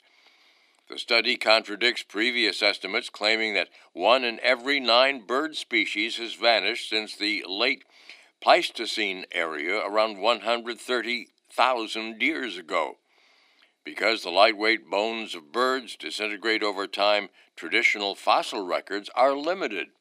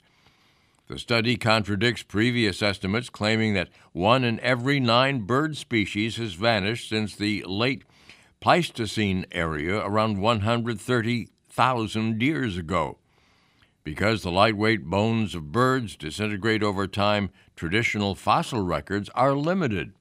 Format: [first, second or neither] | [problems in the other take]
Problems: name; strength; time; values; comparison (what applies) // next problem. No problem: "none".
second | thin; somewhat; fading below 300 Hz